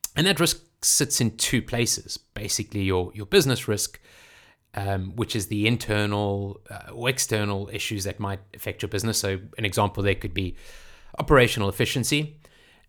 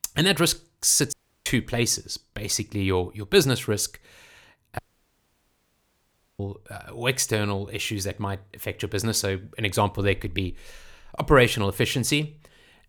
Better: first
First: none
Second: audio cutting out; at 1 s and at 5 s for 1.5 s

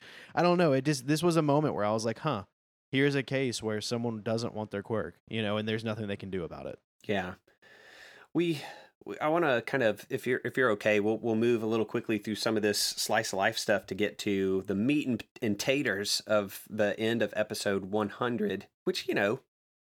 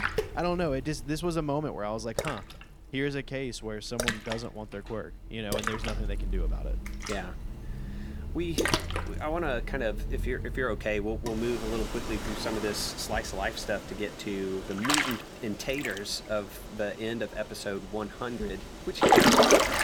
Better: first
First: none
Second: rain or running water; very loud; throughout; 4 dB above the speech

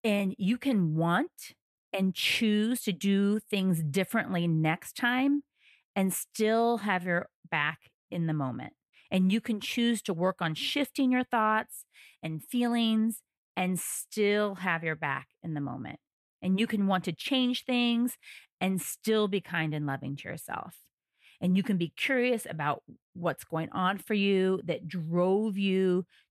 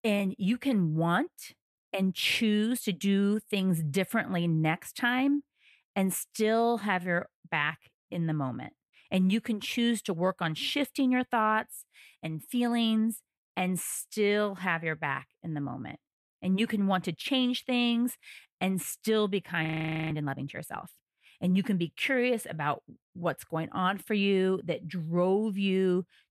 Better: first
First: none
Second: audio freezing; at 20 s

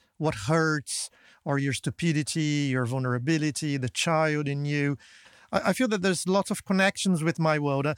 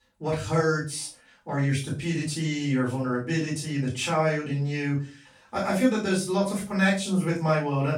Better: first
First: none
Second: off-mic speech; far // room echo; slight; dies away in 0.3 s

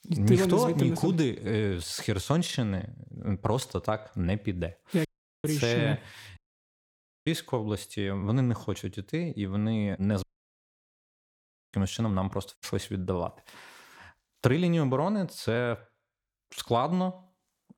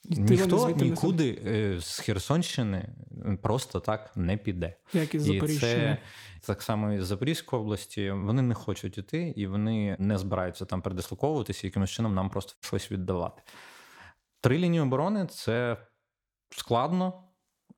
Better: second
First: audio cutting out; at 5 s, at 6.5 s for 1 s and at 10 s for 1.5 s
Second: none

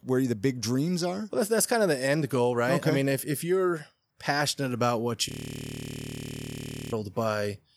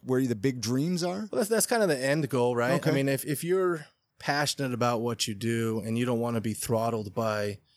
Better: second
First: audio freezing; at 5.5 s for 1.5 s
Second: none

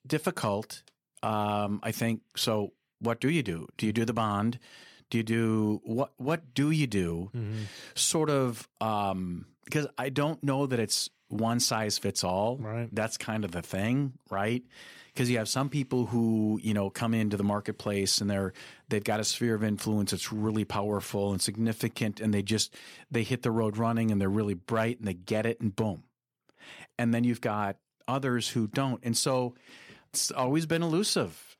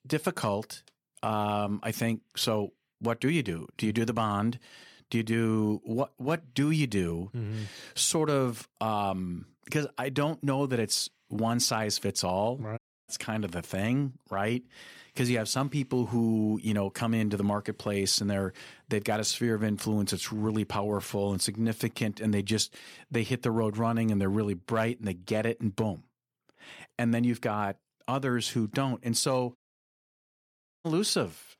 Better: first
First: none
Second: audio cutting out; at 13 s and at 30 s for 1.5 s

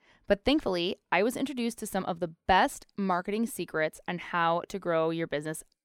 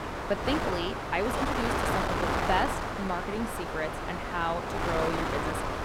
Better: first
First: none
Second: wind noise on the microphone; heavy; 2 dB above the speech

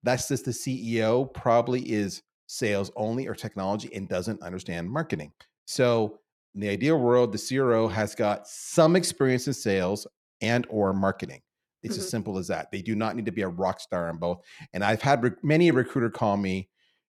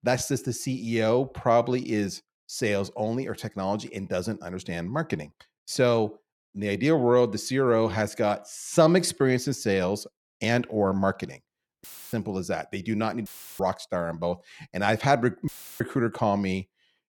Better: first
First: none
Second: audio cutting out; filled with static; at 12 s, at 13 s and at 15 s

